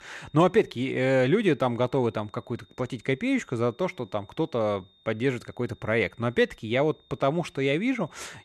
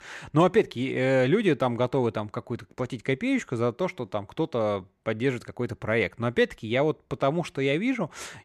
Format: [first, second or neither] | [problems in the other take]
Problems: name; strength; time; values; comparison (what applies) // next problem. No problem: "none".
second | high-pitched whine; faint; throughout; 3.5 kHz, 30 dB below the speech